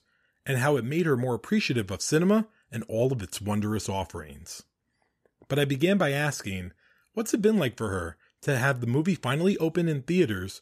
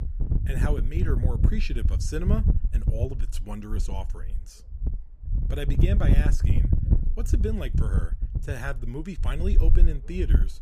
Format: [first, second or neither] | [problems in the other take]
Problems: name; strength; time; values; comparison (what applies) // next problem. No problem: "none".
first | wind noise on the microphone; heavy; 4 dB below the speech